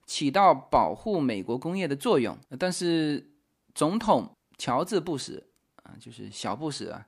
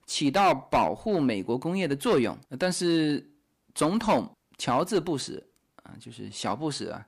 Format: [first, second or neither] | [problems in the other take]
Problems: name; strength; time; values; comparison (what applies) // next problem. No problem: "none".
first | distortion; slight; 4% of the sound clipped